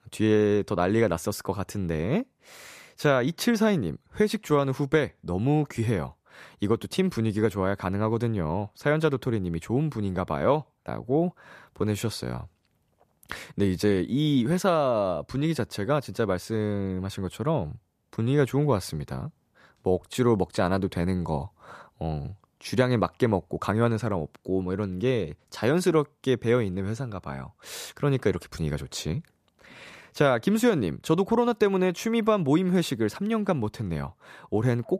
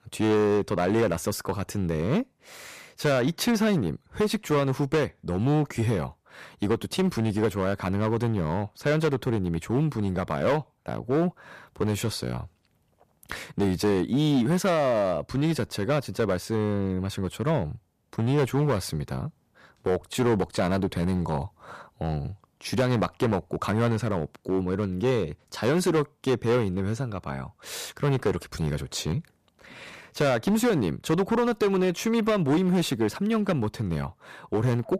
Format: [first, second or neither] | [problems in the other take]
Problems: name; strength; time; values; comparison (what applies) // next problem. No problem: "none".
first | distortion; slight; 8% of the sound clipped